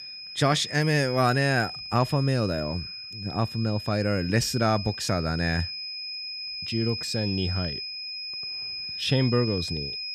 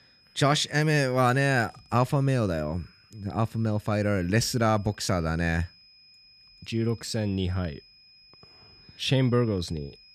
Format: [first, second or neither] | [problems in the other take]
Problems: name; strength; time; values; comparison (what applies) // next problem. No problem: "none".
second | high-pitched whine; loud; throughout; 5 kHz, 7 dB below the speech; faint in the second